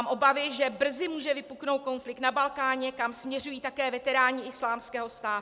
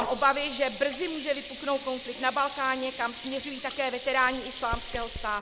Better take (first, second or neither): first